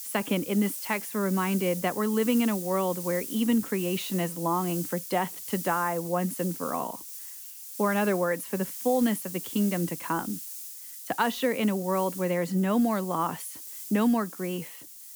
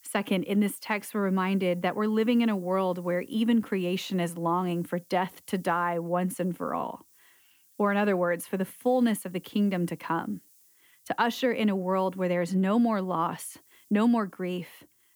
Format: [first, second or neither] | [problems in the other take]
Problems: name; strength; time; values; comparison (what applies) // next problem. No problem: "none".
second | hiss; loud; throughout; 8 dB below the speech; faint in the second